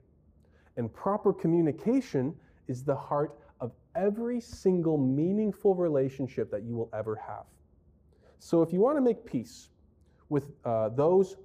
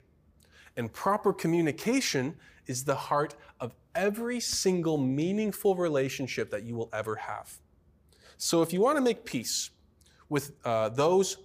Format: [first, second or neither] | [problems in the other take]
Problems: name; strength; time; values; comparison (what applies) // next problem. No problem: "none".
second | muffled; very; fading above 1.5 kHz